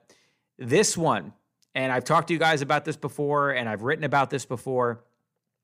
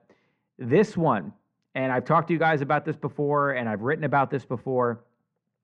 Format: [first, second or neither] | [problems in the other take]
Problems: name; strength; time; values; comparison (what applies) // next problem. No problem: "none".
first | muffled; very; fading above 2 kHz